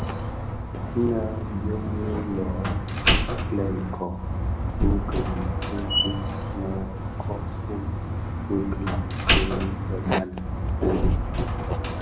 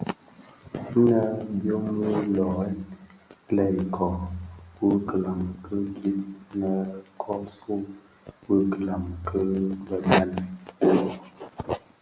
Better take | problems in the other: second | background sound (Slam); 4 dB above the speech

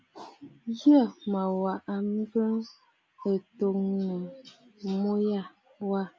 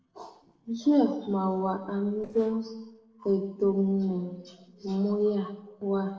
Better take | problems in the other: first | noise reduction (neural separator model SepFormer DNS4)

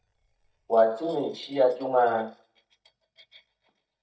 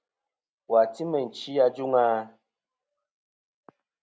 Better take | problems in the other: second | noise reduction (neural mask model DeepFilterNet 3)

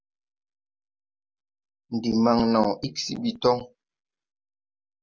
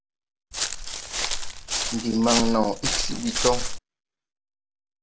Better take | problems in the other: first | background sound (Walk, footsteps); 1 dB above the speech

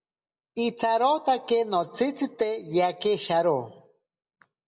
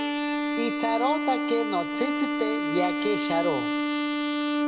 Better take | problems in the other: first | background sound (Bowed string instrument); 2 dB above the speech

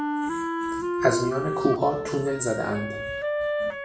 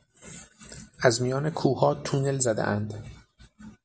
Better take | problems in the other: second | background sound (Wind instrument, woodwind instrument); 1 dB below the speech // room echo; dies away in 0.4 s

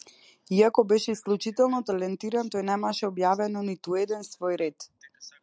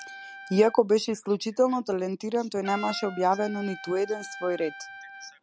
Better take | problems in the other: first | background sound (Trumpet); 16 dB below the speech

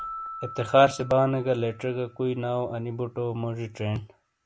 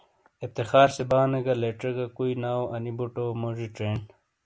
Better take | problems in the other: second | background sound (Keyboard (musical)); 17 dB below the speech

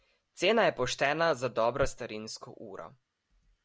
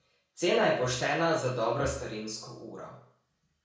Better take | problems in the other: first | room echo; dies away in 0.5 s

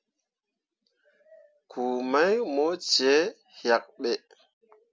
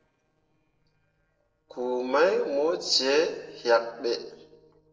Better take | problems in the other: first | noise reduction (neural separator model SepFormer DNS4)

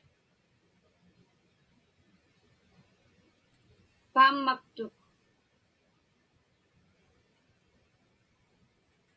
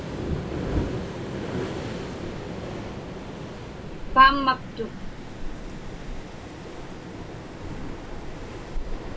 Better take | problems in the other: first | background sound (Waves, surf); 2 dB below the speech

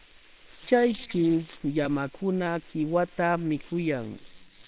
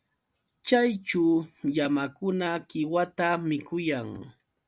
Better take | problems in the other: second | noise reduction (neural separator model SepFormer WHAMR!)

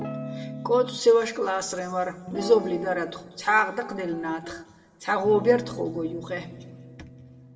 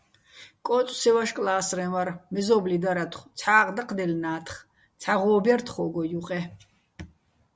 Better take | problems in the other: second | background sound (Guitar); 13 dB below the speech // room echo; dies away in 1.5 s

